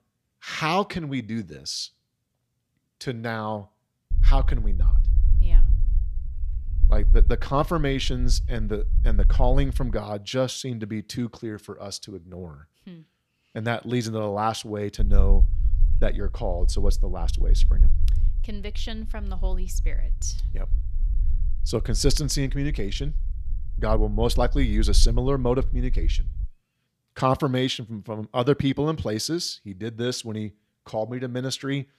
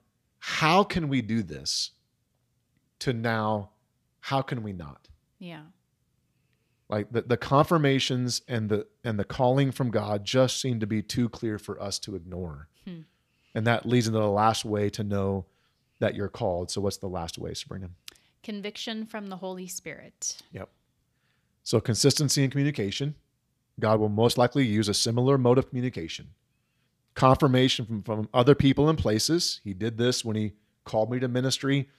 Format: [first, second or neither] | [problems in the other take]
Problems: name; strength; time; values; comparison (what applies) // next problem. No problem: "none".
second | low rumble; faint; from 4 to 10 s and from 15 to 26 s; 20 dB below the speech